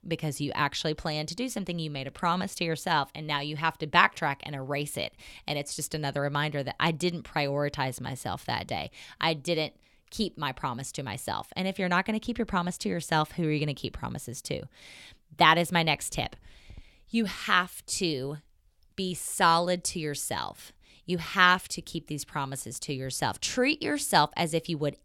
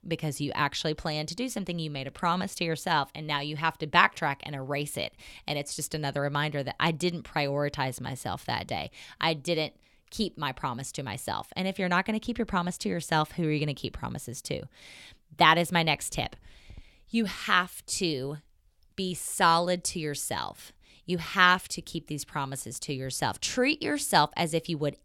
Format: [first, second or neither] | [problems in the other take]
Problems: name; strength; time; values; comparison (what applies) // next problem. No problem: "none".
neither | none